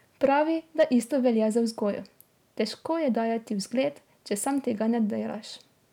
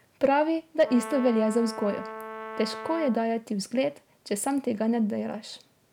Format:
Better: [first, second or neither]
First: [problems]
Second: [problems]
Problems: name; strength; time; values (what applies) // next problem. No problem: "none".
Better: first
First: none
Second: background sound (Brass instrument); 11 dB below the speech